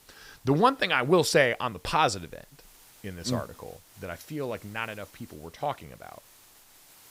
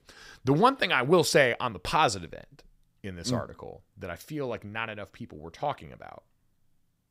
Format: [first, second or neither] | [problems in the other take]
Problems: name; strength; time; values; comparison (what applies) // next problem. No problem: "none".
second | hiss; faint; throughout; 25 dB below the speech